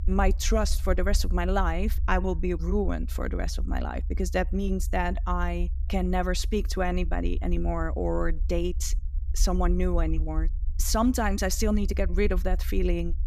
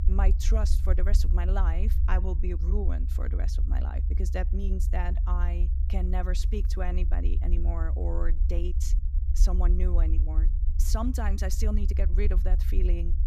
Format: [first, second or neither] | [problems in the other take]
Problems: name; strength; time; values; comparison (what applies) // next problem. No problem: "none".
first | low rumble; loud; throughout; 9 dB below the speech; faint in the first